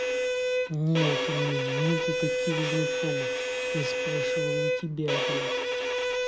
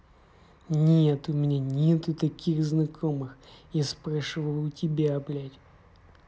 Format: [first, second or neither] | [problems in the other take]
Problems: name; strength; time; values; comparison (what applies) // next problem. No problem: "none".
second | background sound (Bowed string instrument); 4 dB above the speech